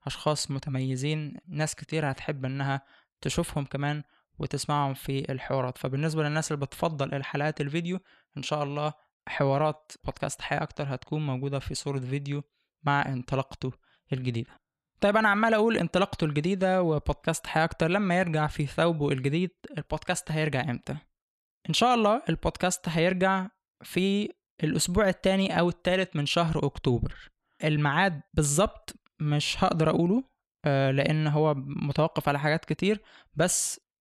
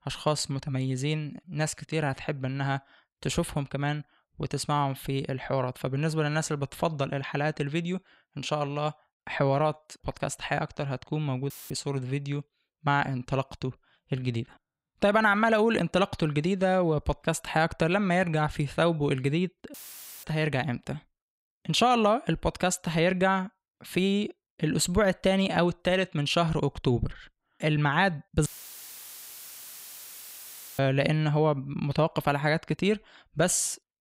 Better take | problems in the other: first | audio cutting out; filled with static; at 12 s, at 20 s for 0.5 s and at 28 s for 2.5 s

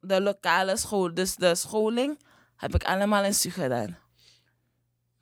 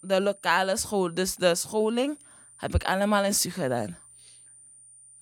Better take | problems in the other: first | high-pitched whine; faint; throughout; 9 kHz, 25 dB below the speech

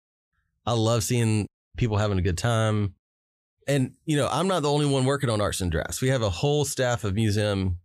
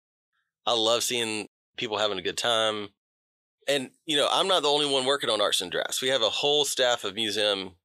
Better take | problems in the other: first | thin; very; fading below 500 Hz

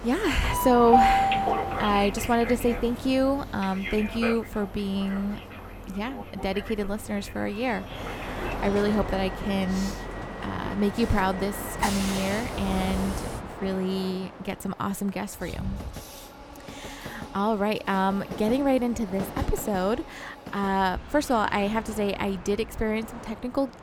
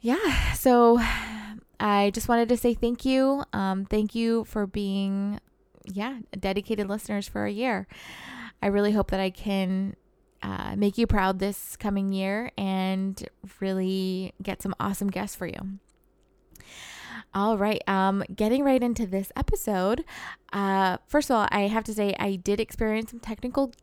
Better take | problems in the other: second | train or aircraft noise; loud; throughout; 5 dB below the speech

